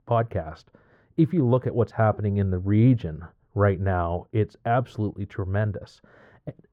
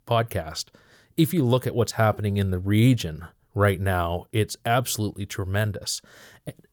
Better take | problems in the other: second | muffled; very; fading above 4 kHz

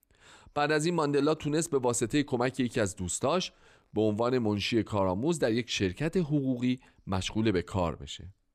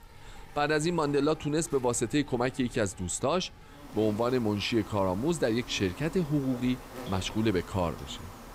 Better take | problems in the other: first | animal sounds; noticeable; throughout; 15 dB below the speech

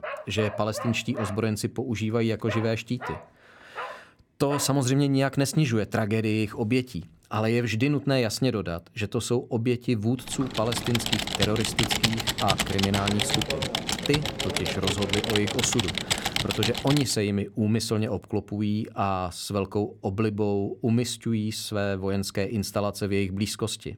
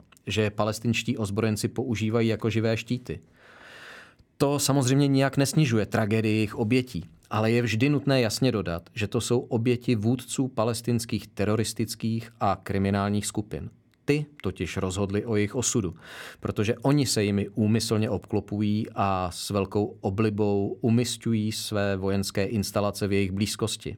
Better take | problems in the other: second | dog barking; noticeable; until 4.5 s; peak 9 dB below the speech // keyboard typing; loud; from 10 to 17 s; peak 4 dB above the speech

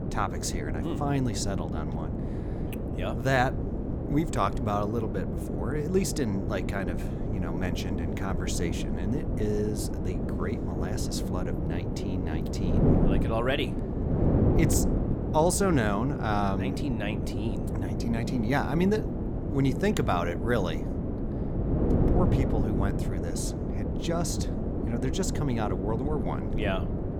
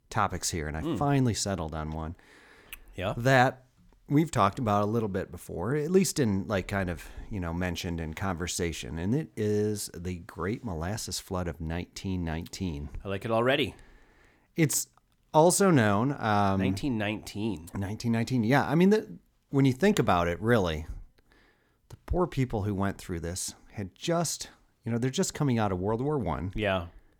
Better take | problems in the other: second | wind noise on the microphone; heavy; 4 dB below the speech

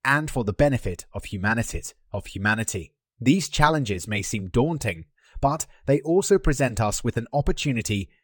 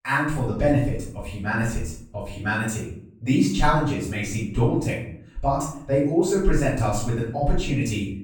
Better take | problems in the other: first | off-mic speech; far // room echo; noticeable; dies away in 0.5 s

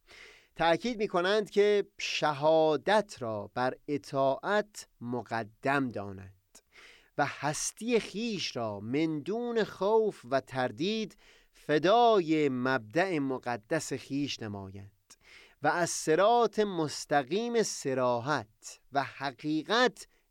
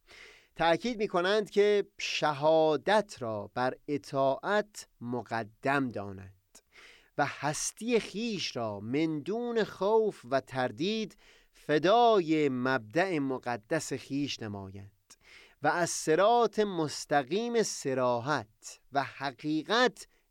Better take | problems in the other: neither | none

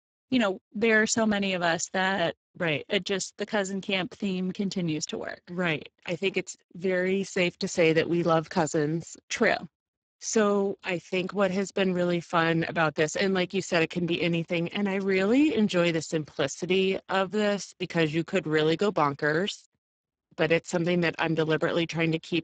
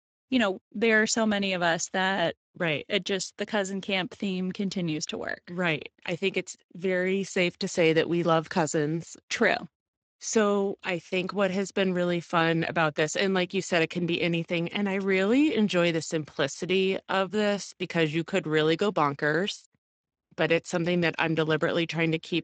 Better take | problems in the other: second | garbled, watery; badly; nothing above 7.5 kHz; slightly in the second

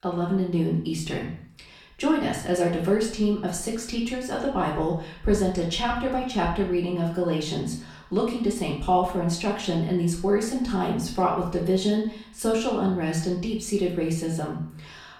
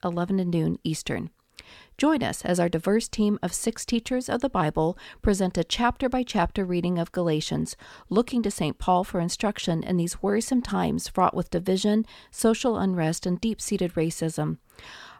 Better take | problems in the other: second | off-mic speech; far // room echo; noticeable; dies away in 0.5 s

